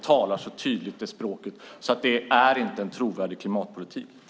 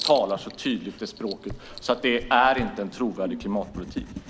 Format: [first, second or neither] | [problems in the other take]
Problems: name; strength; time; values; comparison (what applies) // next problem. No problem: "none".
first | background sound (Writing); 12 dB below the speech